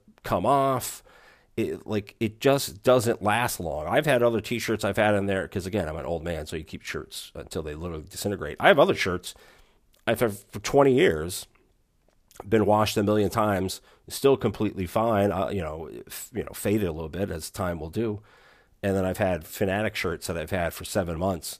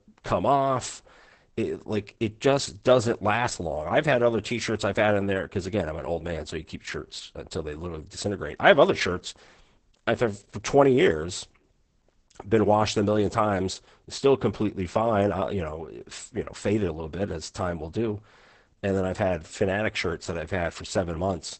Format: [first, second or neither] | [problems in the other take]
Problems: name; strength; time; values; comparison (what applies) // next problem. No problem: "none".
first | garbled, watery; badly; nothing above 8 kHz